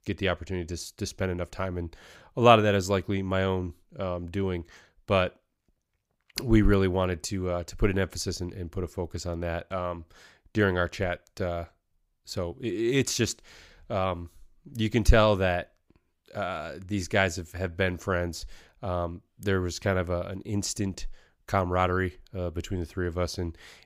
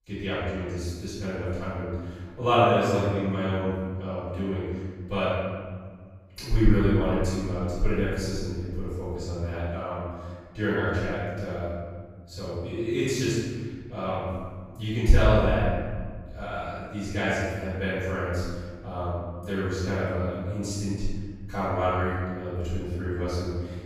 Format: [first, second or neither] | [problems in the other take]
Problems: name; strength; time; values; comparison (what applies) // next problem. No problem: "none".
first | off-mic speech; far // room echo; strong; dies away in 1.8 s